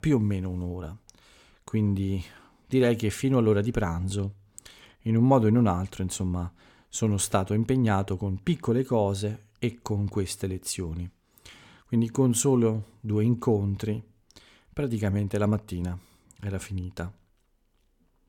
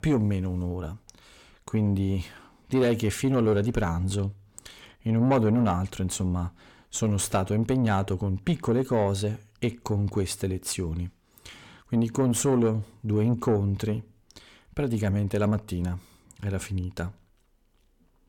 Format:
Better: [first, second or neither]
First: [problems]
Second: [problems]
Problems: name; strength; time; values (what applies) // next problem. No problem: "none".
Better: first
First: none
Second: distortion; slight; 10 dB below the speech